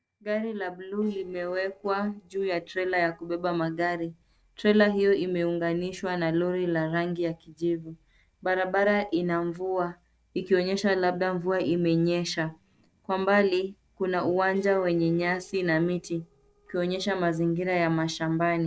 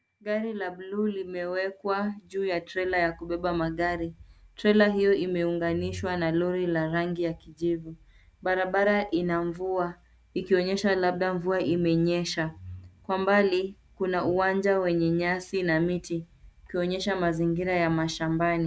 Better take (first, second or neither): second